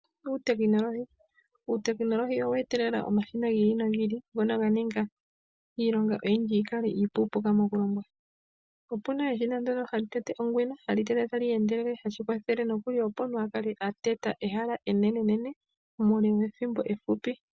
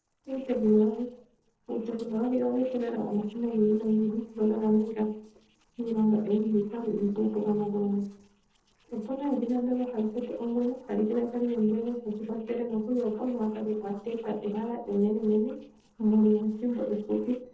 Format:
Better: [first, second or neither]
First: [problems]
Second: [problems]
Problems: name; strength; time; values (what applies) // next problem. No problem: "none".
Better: first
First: none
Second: noise reduction (neural separator model SepFormer DNS4)